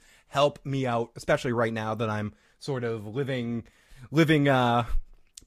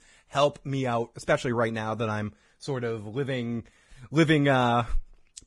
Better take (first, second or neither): first